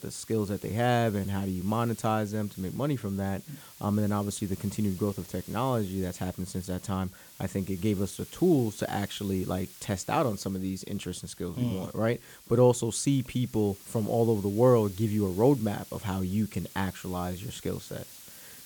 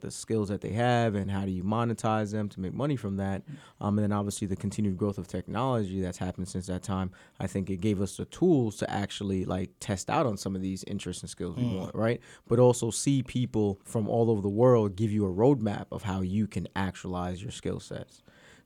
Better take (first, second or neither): second